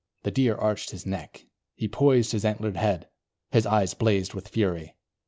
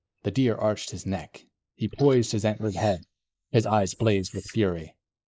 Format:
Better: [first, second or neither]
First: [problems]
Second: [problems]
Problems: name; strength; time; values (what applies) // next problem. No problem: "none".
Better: first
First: none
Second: noise reduction (neural mask model Resemble Enhance denoiser)